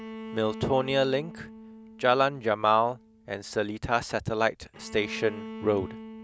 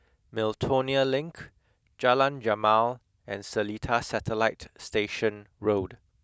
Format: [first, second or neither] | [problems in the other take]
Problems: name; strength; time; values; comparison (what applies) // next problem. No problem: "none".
second | background sound (Bowed string instrument); 15 dB below the speech